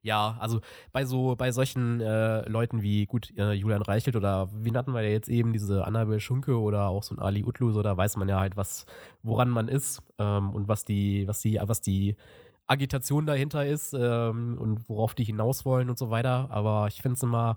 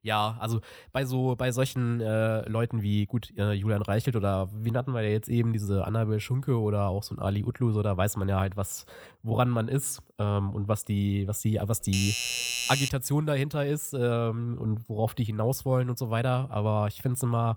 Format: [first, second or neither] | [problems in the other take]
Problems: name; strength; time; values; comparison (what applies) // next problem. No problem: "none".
first | doorbell; loud; from 12 to 13 s; peak 1 dB above the speech